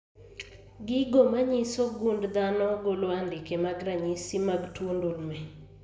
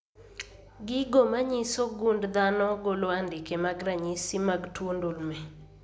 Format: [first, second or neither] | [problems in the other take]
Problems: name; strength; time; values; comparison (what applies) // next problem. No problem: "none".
second | room echo; dies away in 1.5 s